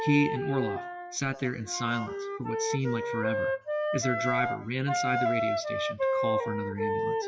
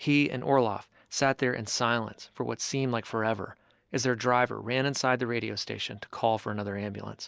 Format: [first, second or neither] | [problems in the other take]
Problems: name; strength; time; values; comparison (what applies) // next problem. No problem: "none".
second | noise reduction (classical method WPE with log-MMSE)